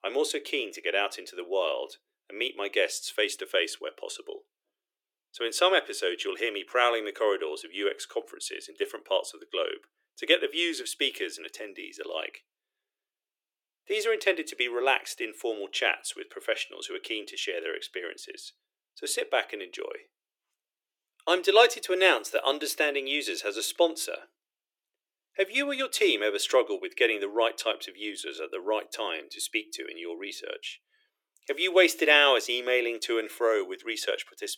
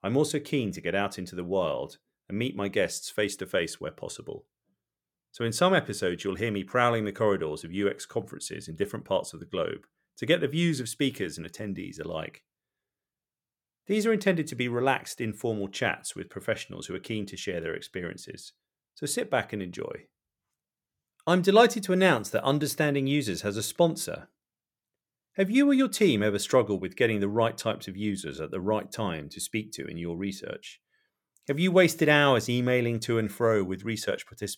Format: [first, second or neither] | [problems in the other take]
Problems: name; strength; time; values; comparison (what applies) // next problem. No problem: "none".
second | thin; very; fading below 350 Hz